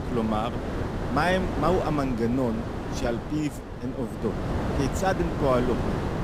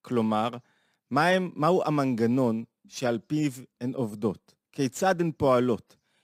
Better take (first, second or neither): second